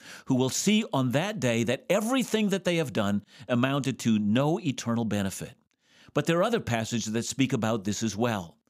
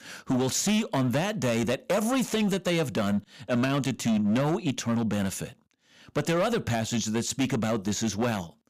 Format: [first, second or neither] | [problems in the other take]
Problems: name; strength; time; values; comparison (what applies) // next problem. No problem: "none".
first | distortion; slight; 12% of the sound clipped